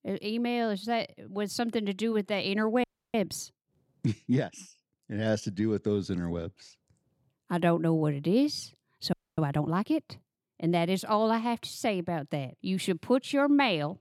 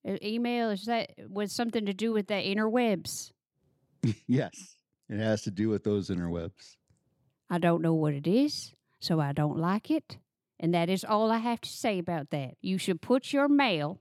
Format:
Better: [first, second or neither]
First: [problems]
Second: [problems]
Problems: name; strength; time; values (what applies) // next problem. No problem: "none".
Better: second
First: audio freezing; at 3 s and at 9 s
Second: none